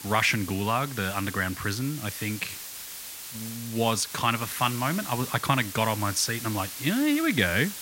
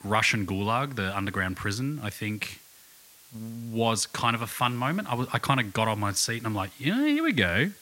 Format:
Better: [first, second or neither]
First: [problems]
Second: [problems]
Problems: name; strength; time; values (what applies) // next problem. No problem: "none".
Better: second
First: hiss; loud; throughout; 9 dB below the speech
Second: hiss; faint; throughout; 25 dB below the speech